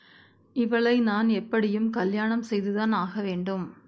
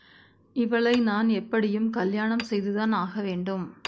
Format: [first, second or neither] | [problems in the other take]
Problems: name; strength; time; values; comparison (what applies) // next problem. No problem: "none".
first | background sound (Hammer); 19 dB below the speech